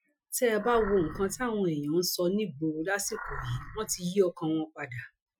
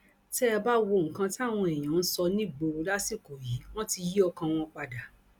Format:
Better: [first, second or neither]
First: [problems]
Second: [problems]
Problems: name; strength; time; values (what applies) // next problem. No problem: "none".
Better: second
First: noise reduction (classical method Wiener filter)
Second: none